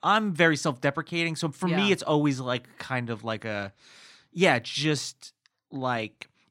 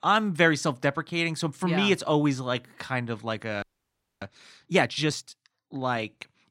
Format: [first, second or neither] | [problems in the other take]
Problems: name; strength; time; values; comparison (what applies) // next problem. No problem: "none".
first | audio freezing; at 3.5 s for 0.5 s